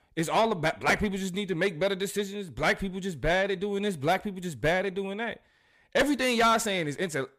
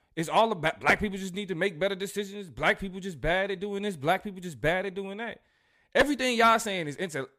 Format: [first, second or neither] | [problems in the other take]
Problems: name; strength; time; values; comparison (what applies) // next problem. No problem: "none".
second | distortion; slight; 10 dB below the speech